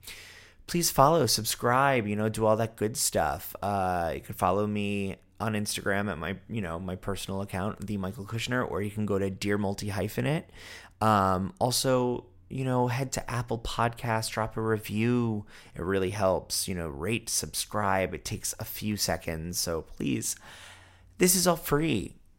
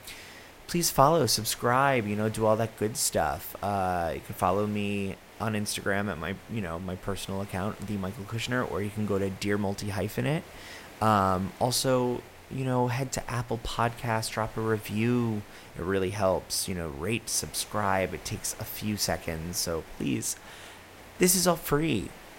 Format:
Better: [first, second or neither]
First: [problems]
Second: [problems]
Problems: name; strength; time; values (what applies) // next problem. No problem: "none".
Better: first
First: none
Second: hiss; noticeable; throughout; 20 dB below the speech